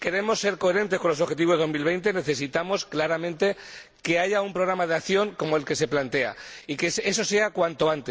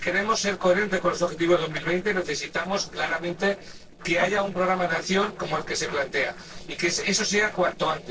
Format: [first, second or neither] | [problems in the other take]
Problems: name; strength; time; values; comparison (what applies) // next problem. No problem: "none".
first | noise reduction (neural separator model SepFormer DNS4)